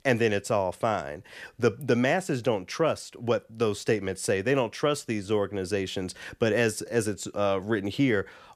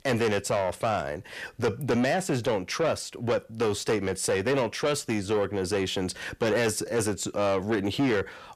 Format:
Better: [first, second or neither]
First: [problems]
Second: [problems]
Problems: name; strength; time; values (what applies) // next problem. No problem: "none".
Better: first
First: none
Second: distortion; heavy; 8 dB below the speech